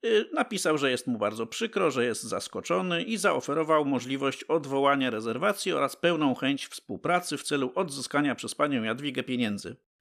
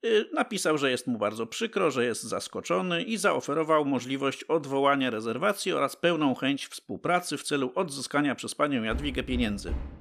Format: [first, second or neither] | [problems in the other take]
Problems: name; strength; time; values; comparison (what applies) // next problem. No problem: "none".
first | door banging; noticeable; from 9 s on; peak 9 dB below the speech